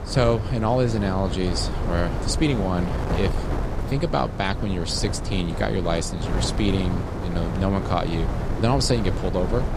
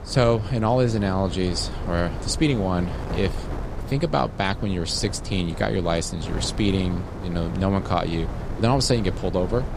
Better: second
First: wind noise on the microphone; heavy; 7 dB below the speech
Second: wind noise on the microphone; occasional gusts; 10 dB below the speech

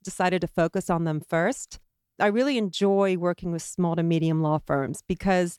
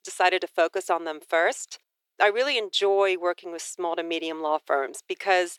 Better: first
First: none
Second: thin; very; fading below 350 Hz

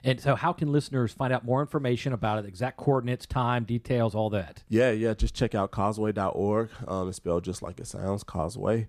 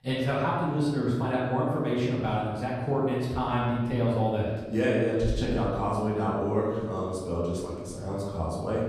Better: first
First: none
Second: room echo; noticeable; dies away in 1.2 s // off-mic speech; far

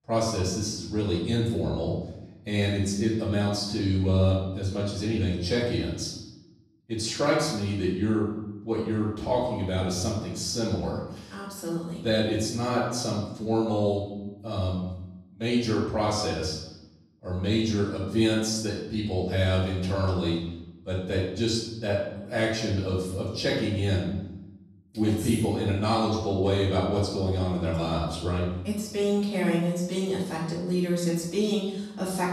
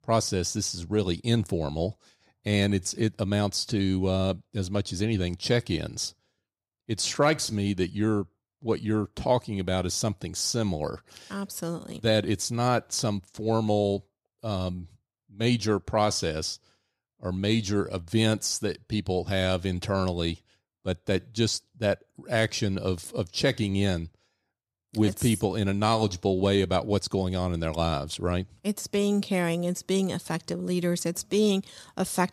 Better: second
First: off-mic speech; far // room echo; noticeable; dies away in 0.8 s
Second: none

